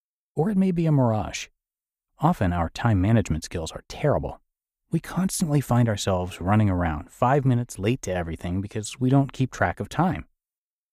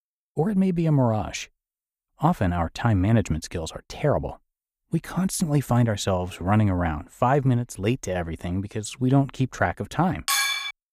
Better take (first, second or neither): first